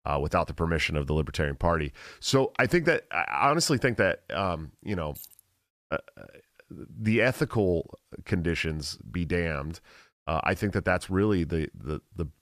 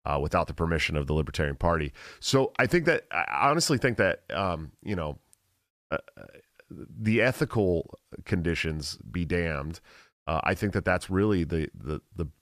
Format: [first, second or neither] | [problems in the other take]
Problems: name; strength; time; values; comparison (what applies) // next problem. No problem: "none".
second | jangling keys; faint; at 5 s; peak 20 dB below the speech